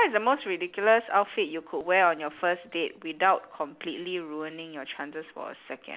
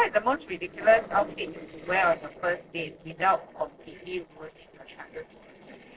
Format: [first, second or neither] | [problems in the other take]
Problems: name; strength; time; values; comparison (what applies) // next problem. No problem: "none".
first | noise reduction (neural separator model SepFormer DNS4)